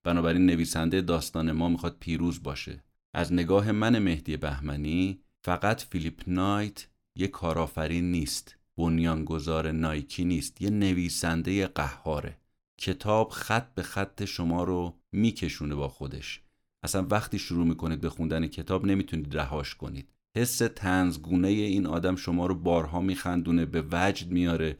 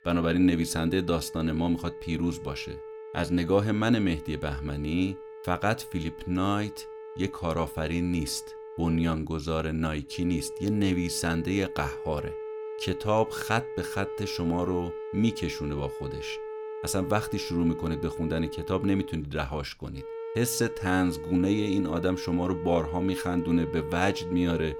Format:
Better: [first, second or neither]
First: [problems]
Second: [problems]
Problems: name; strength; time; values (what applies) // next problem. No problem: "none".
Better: first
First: none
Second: background music; loud; throughout; 10 dB below the speech